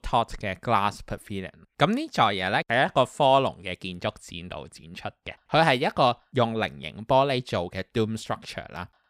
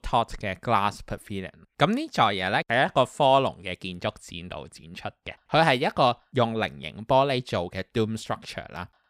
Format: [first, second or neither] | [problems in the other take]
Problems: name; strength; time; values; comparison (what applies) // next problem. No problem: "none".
neither | none